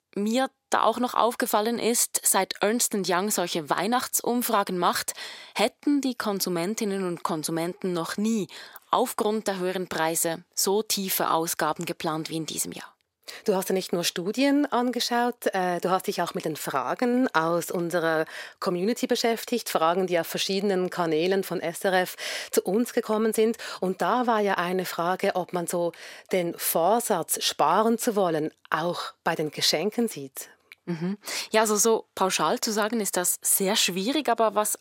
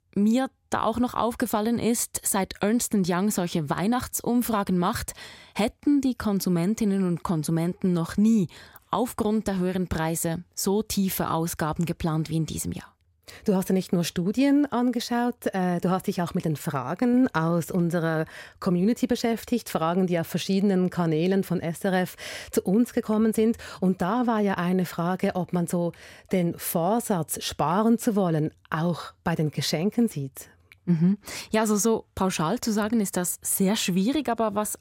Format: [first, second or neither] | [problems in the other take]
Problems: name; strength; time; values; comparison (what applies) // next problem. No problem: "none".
second | thin; somewhat; fading below 350 Hz